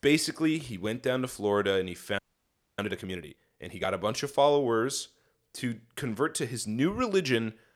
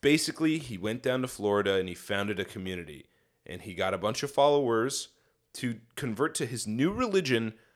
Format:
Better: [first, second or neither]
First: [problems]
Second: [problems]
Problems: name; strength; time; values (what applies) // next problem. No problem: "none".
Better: second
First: audio freezing; at 2 s for 0.5 s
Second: none